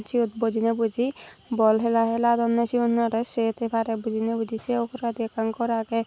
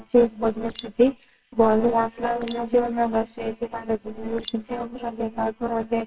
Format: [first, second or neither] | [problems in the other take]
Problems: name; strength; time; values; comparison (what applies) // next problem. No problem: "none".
first | noise reduction (neural separator model SepFormer WHAMR!)